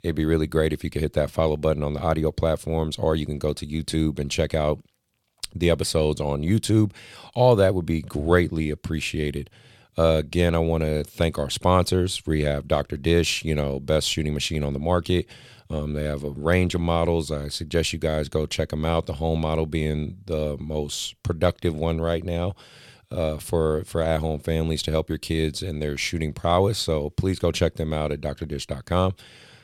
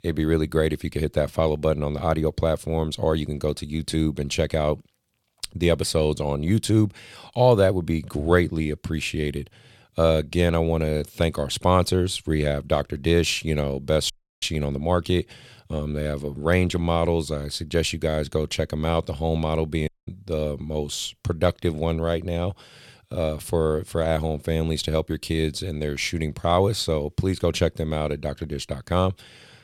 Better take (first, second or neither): first